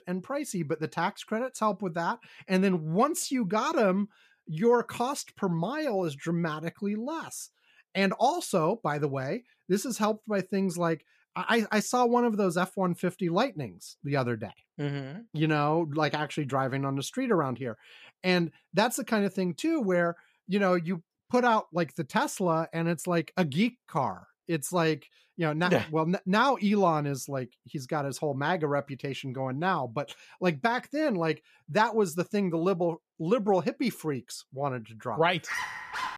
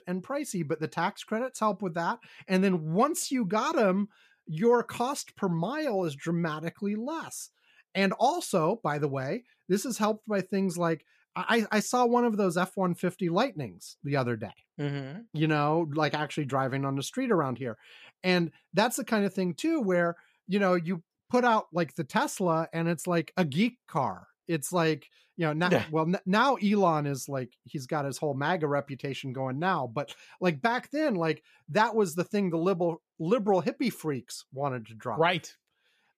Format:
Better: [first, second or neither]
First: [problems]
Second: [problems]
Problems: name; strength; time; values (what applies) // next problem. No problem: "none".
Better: second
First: dog barking; noticeable; at 35 s; peak 4 dB below the speech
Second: none